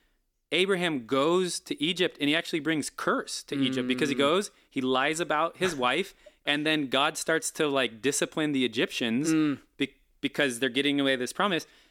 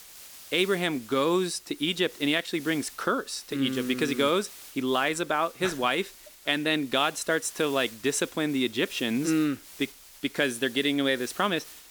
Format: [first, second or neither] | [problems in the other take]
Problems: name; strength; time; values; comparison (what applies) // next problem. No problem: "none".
first | hiss; noticeable; throughout; 20 dB below the speech